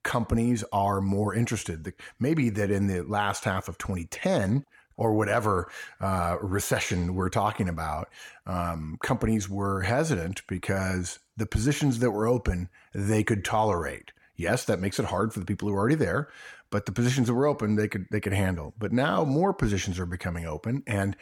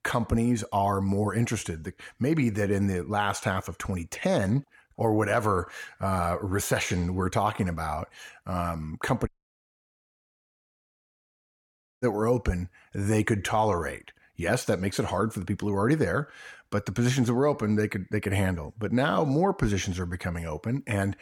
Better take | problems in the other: first | audio cutting out; at 9.5 s for 2.5 s

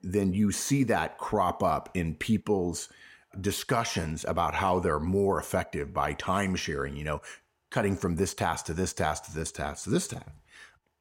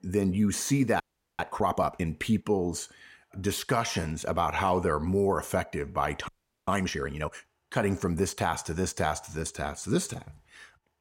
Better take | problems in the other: first | audio freezing; at 1 s and at 6.5 s

